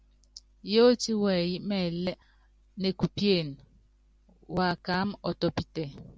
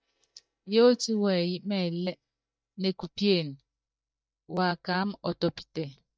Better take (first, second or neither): first